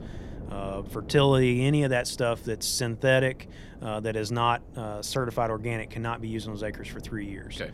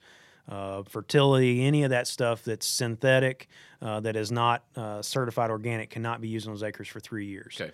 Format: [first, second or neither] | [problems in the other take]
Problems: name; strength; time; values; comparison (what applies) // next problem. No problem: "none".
second | wind noise on the microphone; occasional gusts; 20 dB below the speech